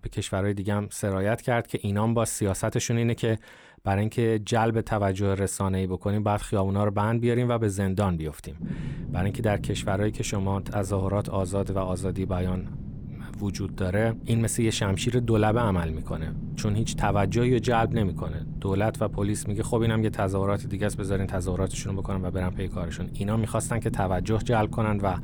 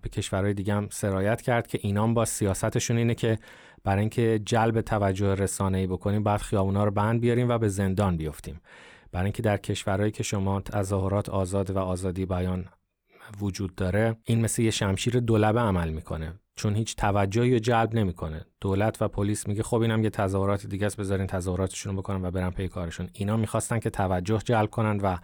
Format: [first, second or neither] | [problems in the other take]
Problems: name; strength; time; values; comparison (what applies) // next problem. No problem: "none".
second | low rumble; noticeable; from 8.5 s on; 15 dB below the speech